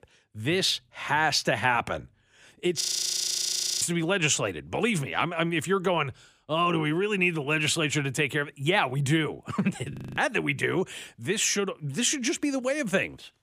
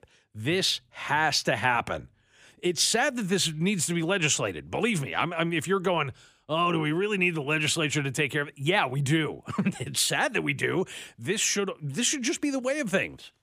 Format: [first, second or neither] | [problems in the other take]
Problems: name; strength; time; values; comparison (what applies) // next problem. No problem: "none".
second | audio freezing; at 3 s for 1 s and at 10 s